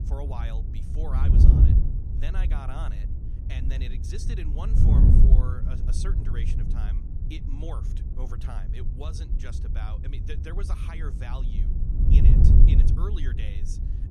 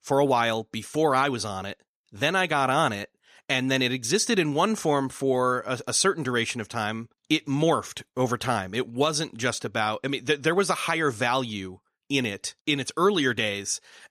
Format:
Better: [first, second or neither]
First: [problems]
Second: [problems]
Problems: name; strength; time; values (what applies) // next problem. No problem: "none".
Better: second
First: wind noise on the microphone; heavy; 2 dB above the speech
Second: none